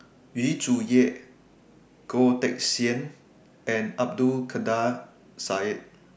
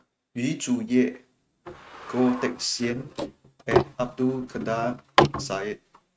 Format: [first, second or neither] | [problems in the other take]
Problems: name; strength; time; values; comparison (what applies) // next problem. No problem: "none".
first | noise reduction (neural mask model RNNoise)